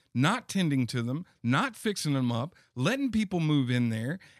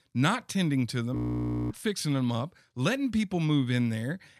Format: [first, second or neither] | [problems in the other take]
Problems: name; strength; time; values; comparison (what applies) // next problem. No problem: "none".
first | audio freezing; at 1 s for 0.5 s